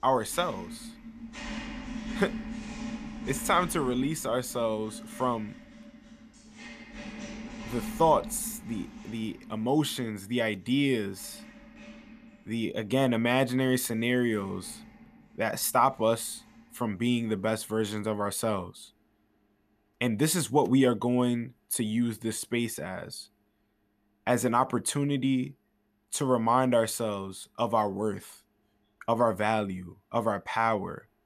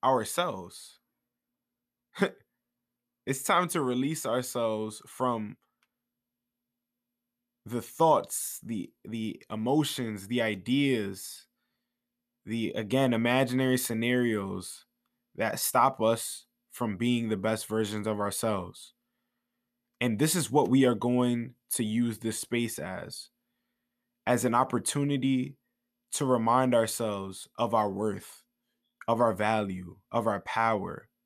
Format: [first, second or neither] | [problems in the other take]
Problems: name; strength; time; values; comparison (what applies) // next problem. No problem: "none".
second | household noises; noticeable; throughout; 15 dB below the speech